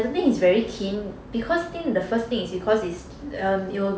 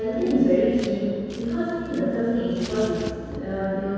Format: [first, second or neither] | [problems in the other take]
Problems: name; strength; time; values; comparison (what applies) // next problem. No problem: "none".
first | background sound (Scissors); 19 dB below the speech // room echo; dies away in 2 s